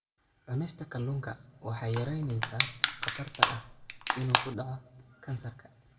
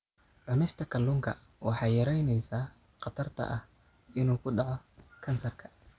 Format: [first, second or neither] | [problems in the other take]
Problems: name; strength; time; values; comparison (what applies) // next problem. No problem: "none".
second | background sound (Crushing); 4 dB above the speech // room echo; dies away in 0.9 s